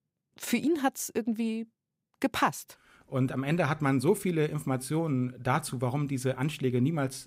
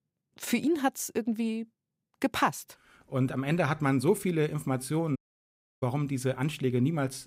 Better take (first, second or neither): first